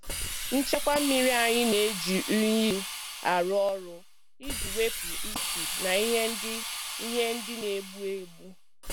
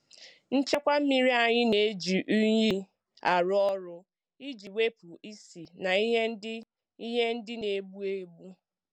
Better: second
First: background sound (Hiss); 5 dB below the speech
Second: none

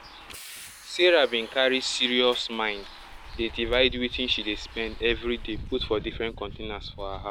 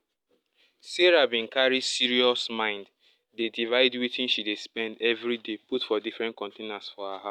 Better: second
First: background sound (Bus); 13 dB below the speech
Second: none

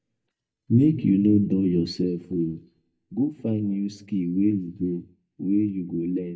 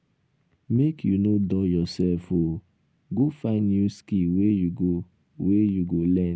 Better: second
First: noise reduction (neural mask model DeepFilterNet 3)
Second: none

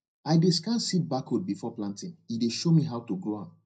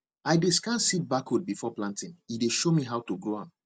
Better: second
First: room echo; dies away in 0.4 s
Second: none

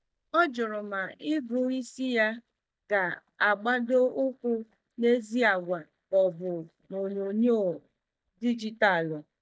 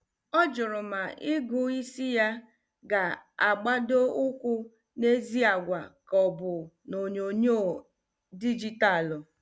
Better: second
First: noise reduction (neural mask model DeepFilterNet 3)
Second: none

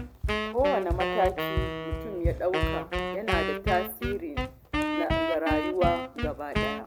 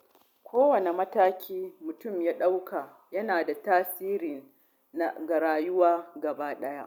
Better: second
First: background sound (Run + Wind instrument, woodwind instrument); 1 dB above the speech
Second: none

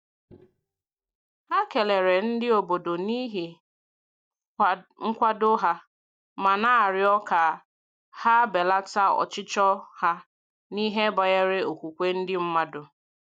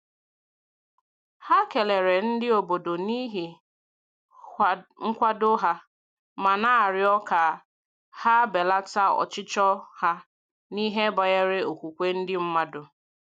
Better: second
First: noise reduction (neural mask model DeepFilterNet 3)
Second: none

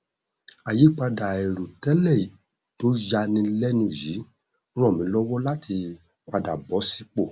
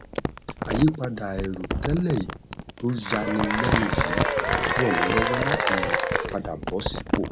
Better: first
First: none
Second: background sound (Applause / Cheering + Crumpling, crinkling); 2 dB above the speech

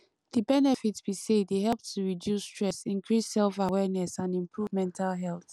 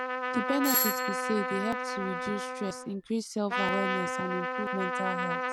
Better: first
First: none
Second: background sound (Trumpet + Doorbell); 2 dB above the speech

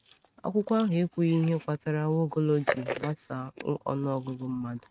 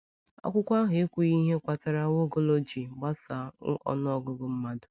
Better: second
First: noise reduction (neural mask model RNNoise)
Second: none

